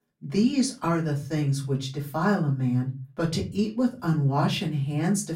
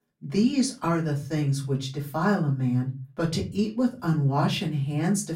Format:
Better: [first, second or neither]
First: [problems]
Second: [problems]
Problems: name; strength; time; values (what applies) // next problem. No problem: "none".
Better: neither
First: off-mic speech; far // room echo; very slight; dies away in 0.3 s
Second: off-mic speech; far // room echo; very slight; dies away in 0.3 s